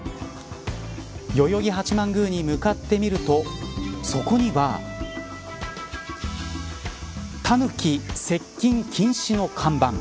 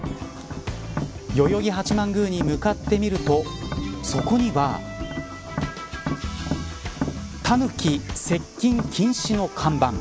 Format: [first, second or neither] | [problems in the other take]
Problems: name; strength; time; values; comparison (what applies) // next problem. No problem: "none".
first | background sound (Tap); 9 dB below the speech